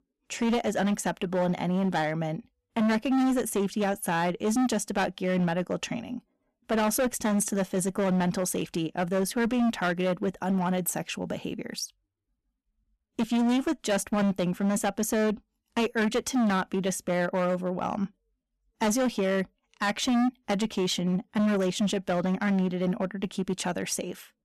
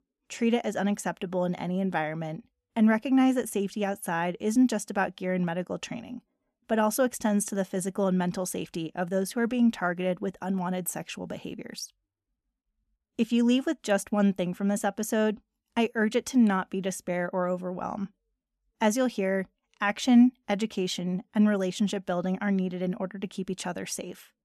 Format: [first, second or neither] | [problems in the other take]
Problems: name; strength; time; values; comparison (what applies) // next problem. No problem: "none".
second | distortion; heavy; 15% of the sound clipped